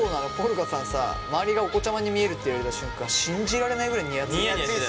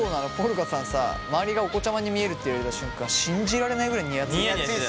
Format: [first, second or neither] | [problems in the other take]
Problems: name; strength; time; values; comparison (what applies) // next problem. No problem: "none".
second | room echo; dies away in 0.7 s